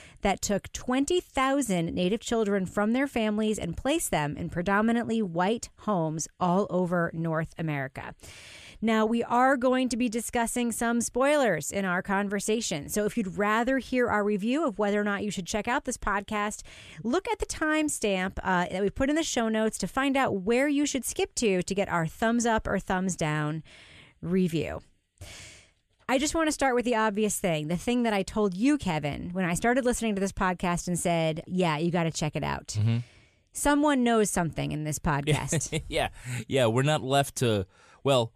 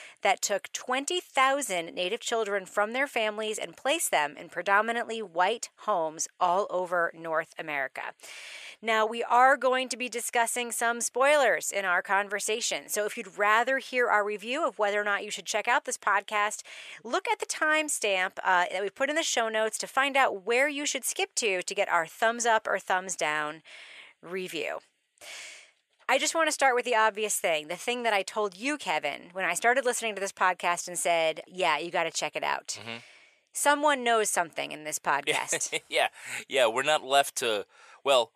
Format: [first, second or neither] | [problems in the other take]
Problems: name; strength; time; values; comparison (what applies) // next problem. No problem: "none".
first | thin; very; fading below 650 Hz